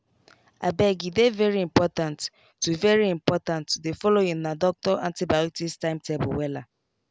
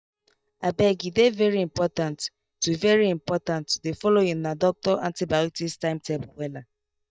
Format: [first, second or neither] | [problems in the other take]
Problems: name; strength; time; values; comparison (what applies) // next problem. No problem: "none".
first | noise reduction (neural mask model DeepFilterNet 3)